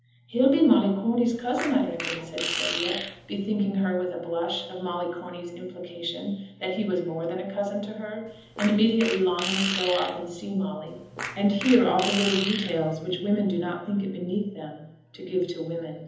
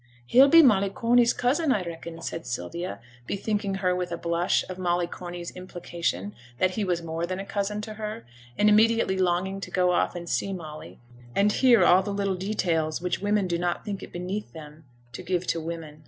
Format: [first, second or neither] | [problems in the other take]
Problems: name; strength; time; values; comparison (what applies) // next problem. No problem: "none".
second | background sound (Fart); 7 dB below the speech // room echo; dies away in 1.3 s